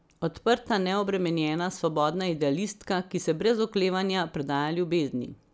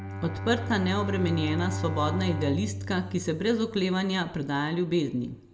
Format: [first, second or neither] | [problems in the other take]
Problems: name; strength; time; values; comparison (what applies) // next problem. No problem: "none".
first | background sound (Bowed string instrument); 6 dB below the speech // room echo; dies away in 0.9 s